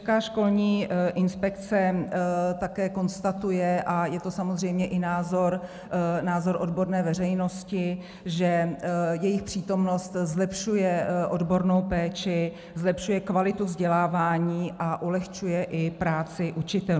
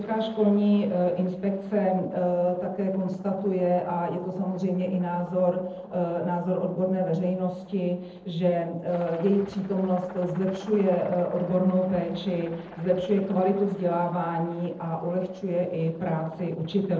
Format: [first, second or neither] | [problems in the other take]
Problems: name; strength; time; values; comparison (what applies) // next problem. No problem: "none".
first | noise reduction (neural separator model SepFormer DNS4)